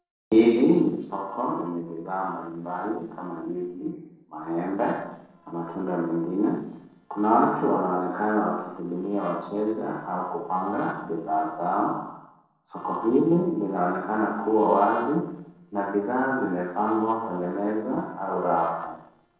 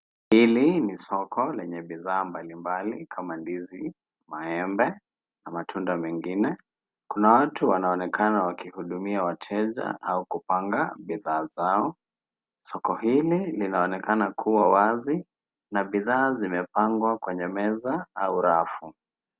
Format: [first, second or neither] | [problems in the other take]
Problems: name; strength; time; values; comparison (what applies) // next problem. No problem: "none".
second | noise reduction (neural separator model SepFormer DNS4)